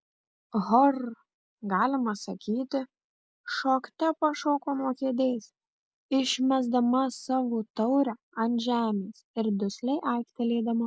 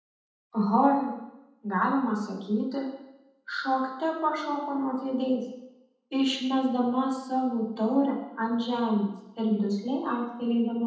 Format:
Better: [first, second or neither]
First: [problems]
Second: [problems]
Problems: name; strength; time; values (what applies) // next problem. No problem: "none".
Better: first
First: none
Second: room echo; dies away in 0.8 s